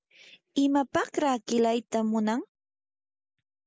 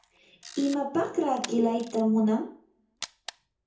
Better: first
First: none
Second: background sound (Camera); 18 dB below the speech // room echo; dies away in 0.6 s

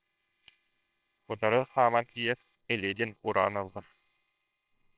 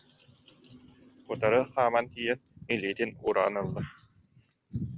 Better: second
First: noise reduction (neural separator model SepFormer WHAMR!)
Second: none

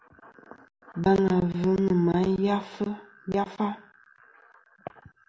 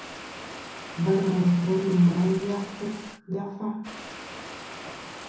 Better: first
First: none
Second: background sound (Water); 13 dB below the speech // room echo; dies away in 0.6 s

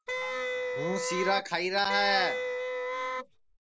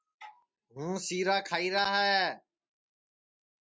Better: second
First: background sound (Wind instrument, woodwind instrument); 2 dB below the speech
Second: none

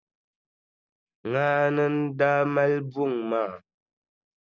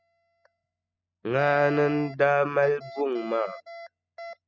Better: first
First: none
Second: noise reduction (classical method spectral subtraction)

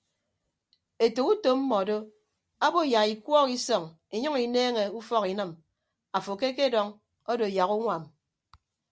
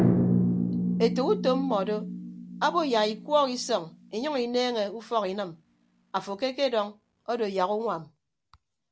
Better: first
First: none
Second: background sound (Drum); 3 dB below the speech

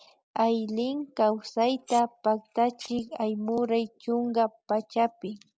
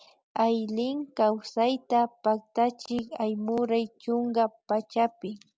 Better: second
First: noise reduction (neural mask model Resemble Enhance denoiser)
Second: none

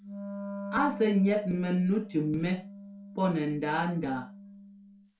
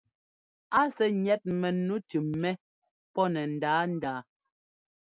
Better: second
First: background sound (Wind instrument, woodwind instrument); 12 dB below the speech // room echo; dies away in 0.3 s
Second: none

